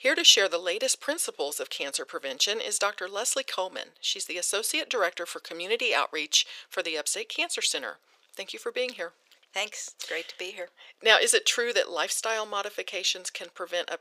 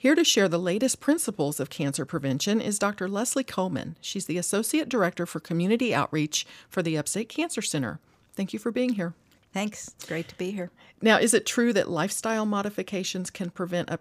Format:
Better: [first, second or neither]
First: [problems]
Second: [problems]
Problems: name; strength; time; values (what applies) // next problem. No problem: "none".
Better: second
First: thin; very; fading below 450 Hz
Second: none